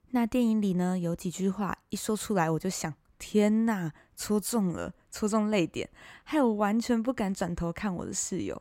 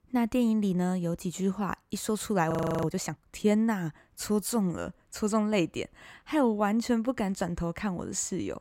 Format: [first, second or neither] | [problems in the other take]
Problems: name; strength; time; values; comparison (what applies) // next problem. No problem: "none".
first | audio freezing; at 2.5 s